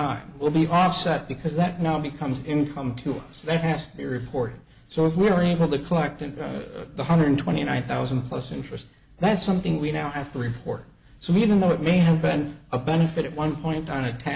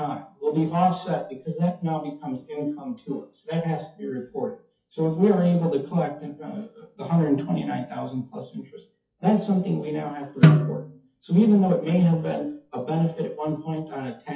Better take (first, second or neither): first